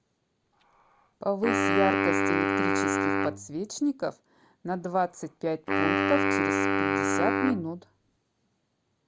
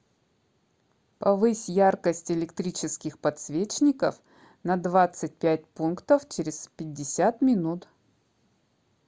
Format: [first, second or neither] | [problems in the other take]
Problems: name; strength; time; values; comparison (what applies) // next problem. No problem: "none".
second | background sound (Wind instrument, woodwind instrument); 4 dB above the speech